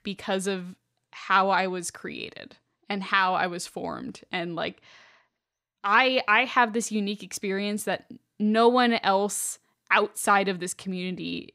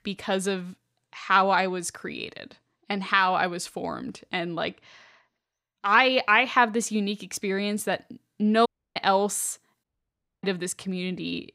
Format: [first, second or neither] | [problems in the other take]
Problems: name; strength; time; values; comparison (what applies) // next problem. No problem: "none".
first | audio cutting out; at 8.5 s and at 10 s for 0.5 s